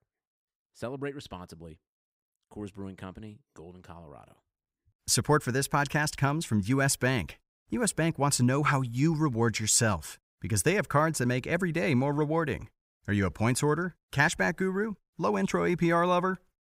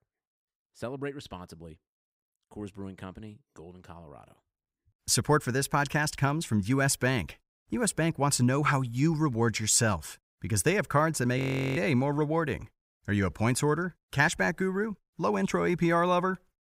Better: first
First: none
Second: audio freezing; at 11 s

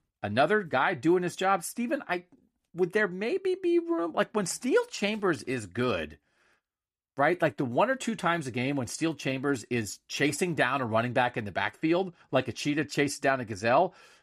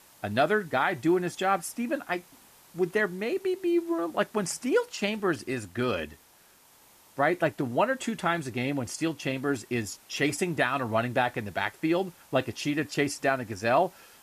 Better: first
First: none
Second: hiss; faint; throughout; 25 dB below the speech

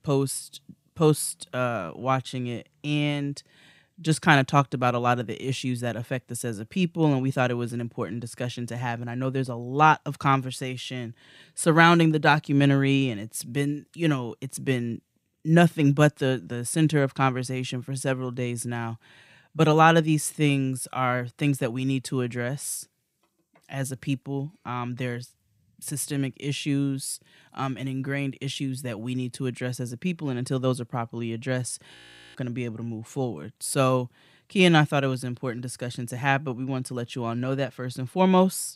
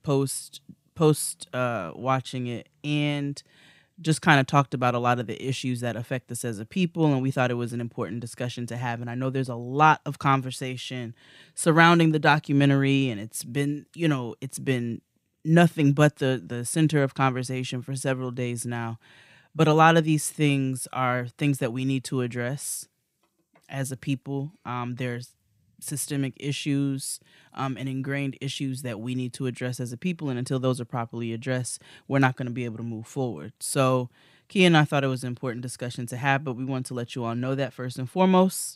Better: second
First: audio freezing; at 32 s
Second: none

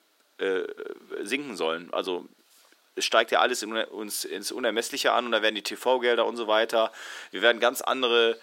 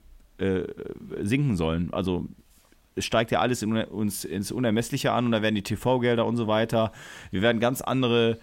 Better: second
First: thin; very; fading below 350 Hz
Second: none

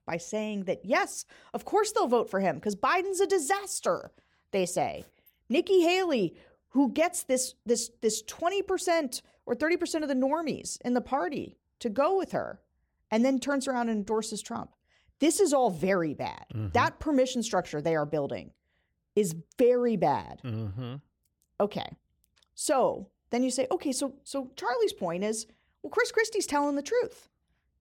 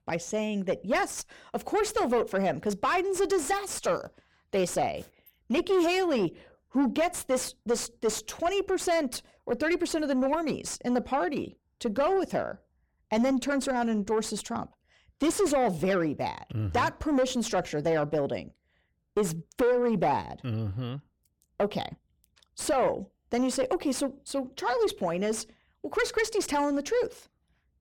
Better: first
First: none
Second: distortion; slight; 10 dB below the speech

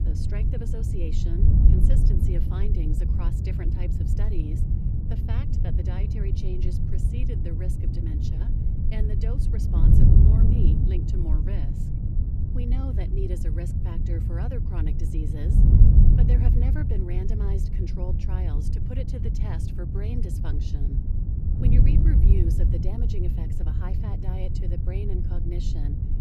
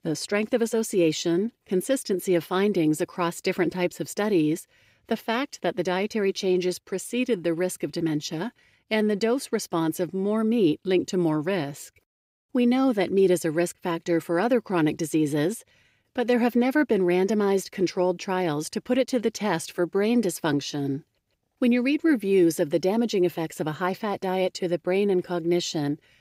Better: second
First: wind noise on the microphone; heavy; 3 dB above the speech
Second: none

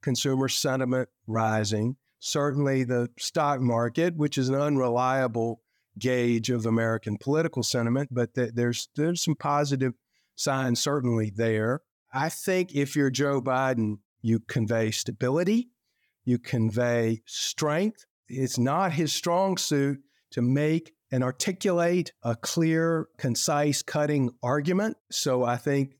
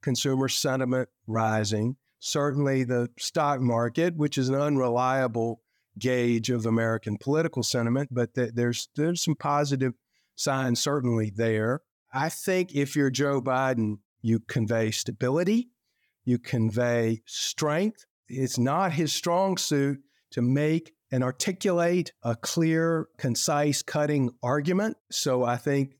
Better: neither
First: none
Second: none

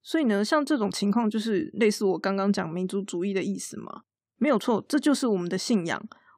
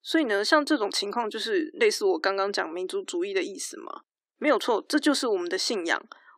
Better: first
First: none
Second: thin; somewhat; fading below 300 Hz

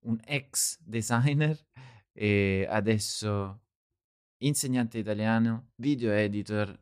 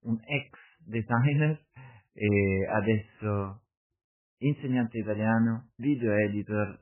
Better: first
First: none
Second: garbled, watery; badly; nothing above 3 kHz

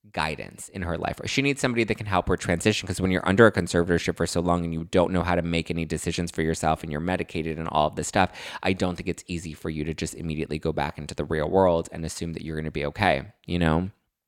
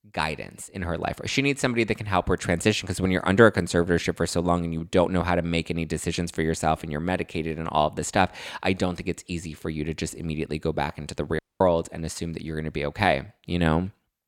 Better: first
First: none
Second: audio cutting out; at 11 s

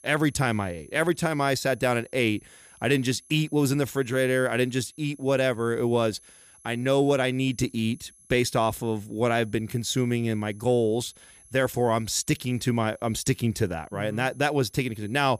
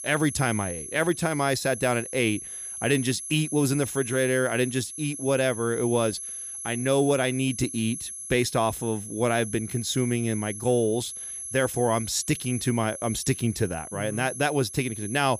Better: first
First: high-pitched whine; faint; throughout; 11 kHz, 25 dB below the speech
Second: high-pitched whine; loud; throughout; 11 kHz, 8 dB below the speech

